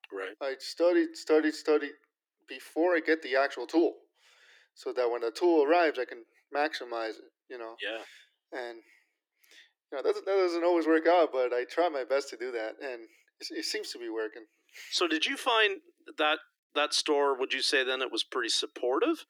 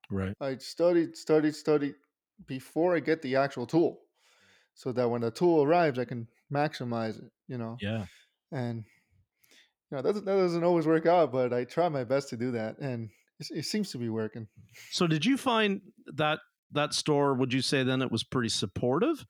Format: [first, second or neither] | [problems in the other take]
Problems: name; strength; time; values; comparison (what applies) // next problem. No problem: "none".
second | thin; very; fading below 300 Hz